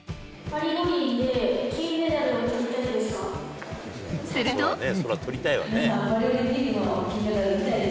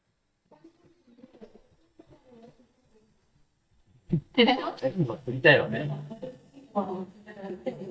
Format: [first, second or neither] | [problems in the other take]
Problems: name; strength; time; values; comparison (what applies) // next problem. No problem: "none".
first | noise reduction (neural mask model DeepFilterNet 3)